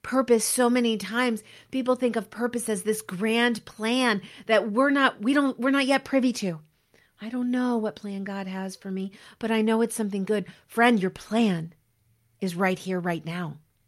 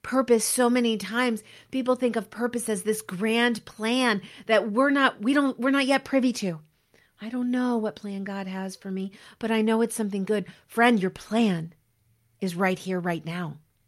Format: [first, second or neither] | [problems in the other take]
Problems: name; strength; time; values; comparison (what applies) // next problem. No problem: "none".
neither | none